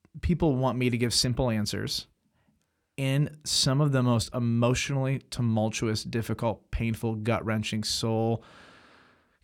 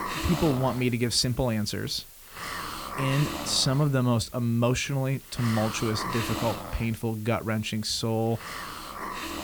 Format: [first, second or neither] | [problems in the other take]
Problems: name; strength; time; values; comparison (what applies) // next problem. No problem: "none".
first | hiss; loud; throughout; 8 dB below the speech